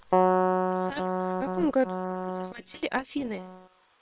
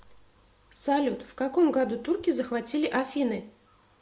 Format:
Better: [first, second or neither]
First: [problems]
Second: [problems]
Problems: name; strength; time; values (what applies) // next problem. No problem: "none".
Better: second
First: noise reduction (neural separator model SepFormer WHAM!)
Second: none